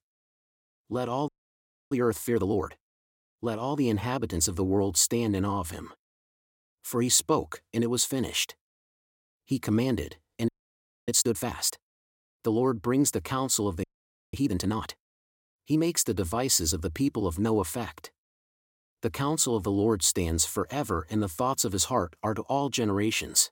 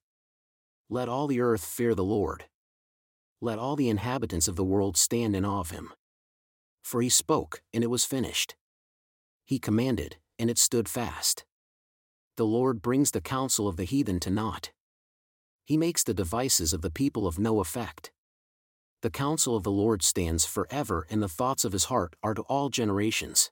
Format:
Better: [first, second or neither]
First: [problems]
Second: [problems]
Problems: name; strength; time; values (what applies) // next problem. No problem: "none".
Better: second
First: audio freezing; at 1.5 s for 0.5 s, at 10 s for 0.5 s and at 14 s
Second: none